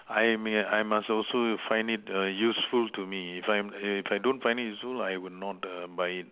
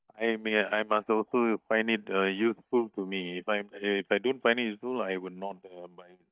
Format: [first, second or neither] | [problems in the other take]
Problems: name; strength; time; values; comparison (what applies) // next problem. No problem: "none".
first | noise reduction (neural mask model DeepFilterNet 3)